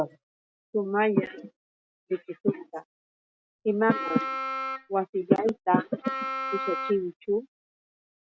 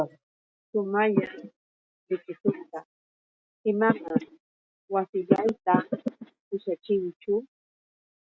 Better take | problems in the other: second | background sound (Wind instrument, woodwind instrument); 4 dB below the speech

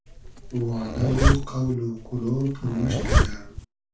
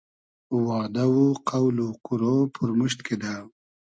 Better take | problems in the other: second | background sound (Zipper (clothing)); 2 dB above the speech // room echo; dies away in 0.3 s

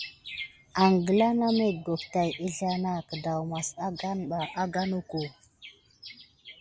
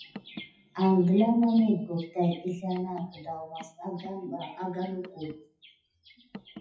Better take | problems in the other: first | noise reduction (classical method WPE with log-MMSE)

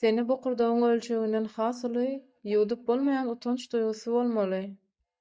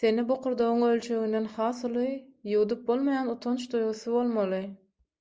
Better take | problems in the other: second | noise reduction (neural mask model DeepFilterNet 3)

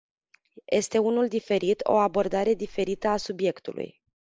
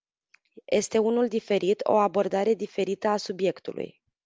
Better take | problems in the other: second | noise reduction (neural mask model Resemble Enhance denoiser)

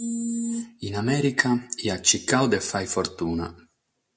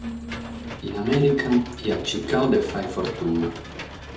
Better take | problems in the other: first | background sound (Engine / Mechanisms); 12 dB below the speech // room echo; dies away in 0.9 s

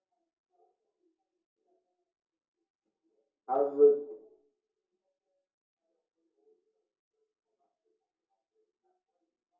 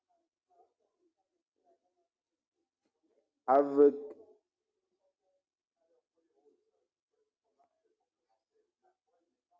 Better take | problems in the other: second | room echo; dies away in 0.6 s

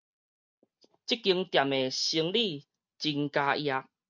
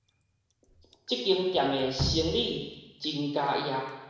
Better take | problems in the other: first | background sound (Drip); 10 dB below the speech // room echo; dies away in 1 s

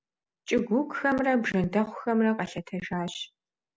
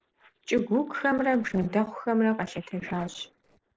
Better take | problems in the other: first | noise reduction (neural separator model SepFormer DNS4)

